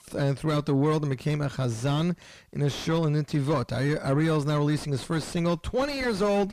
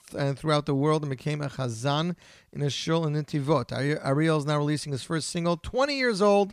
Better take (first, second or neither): second